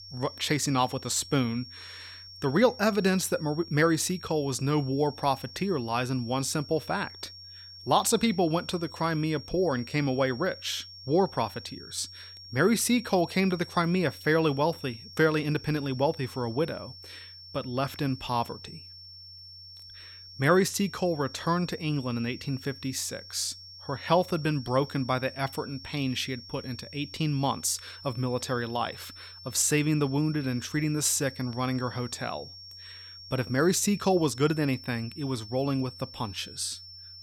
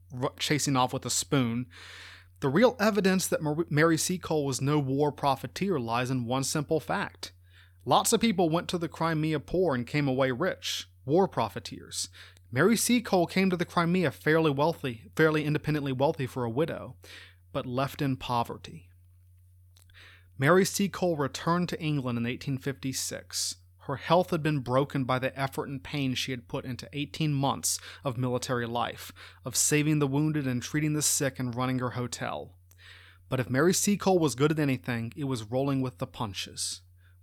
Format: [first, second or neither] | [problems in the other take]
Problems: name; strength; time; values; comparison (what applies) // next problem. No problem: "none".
second | high-pitched whine; noticeable; throughout; 5.5 kHz, 15 dB below the speech